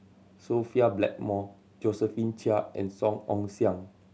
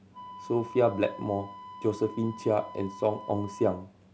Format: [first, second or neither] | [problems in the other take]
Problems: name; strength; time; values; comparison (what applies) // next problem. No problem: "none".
first | background sound (Wind instrument, woodwind instrument); 15 dB below the speech